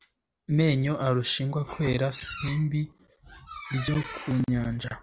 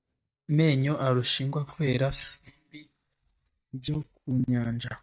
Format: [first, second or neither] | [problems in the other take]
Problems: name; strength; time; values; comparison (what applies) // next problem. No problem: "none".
first | noise reduction (neural mask model DeepFilterNet 3)